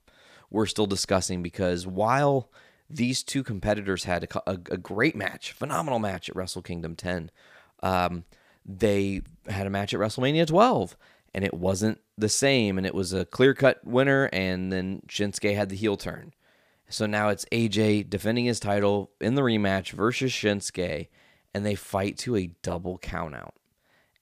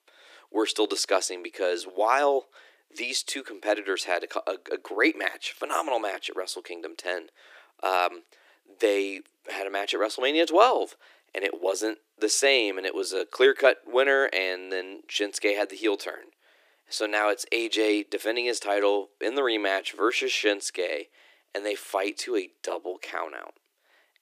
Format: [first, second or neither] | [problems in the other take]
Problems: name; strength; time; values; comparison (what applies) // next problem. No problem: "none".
first | thin; very; fading below 300 Hz